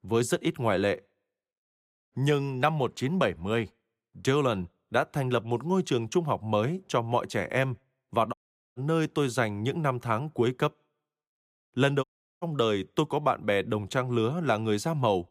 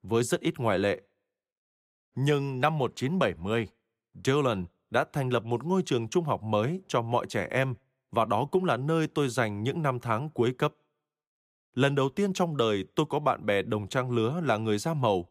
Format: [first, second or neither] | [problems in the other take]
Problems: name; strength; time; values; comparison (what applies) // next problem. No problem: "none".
second | audio cutting out; at 8.5 s and at 12 s